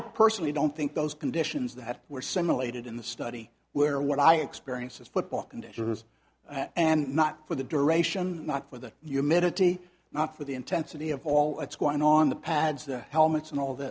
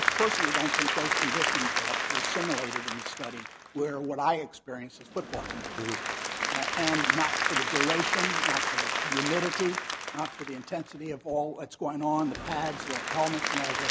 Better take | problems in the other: first | background sound (Applause / Crowd); 2 dB above the speech

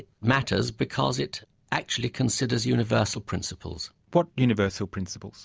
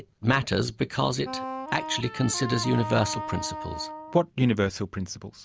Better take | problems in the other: first | background sound (Wind instrument, woodwind instrument); 8 dB below the speech

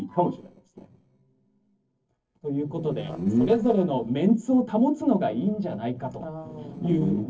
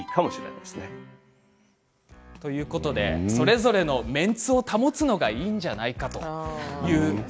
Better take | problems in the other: second | noise reduction (neural separator model SepFormer DNS4)

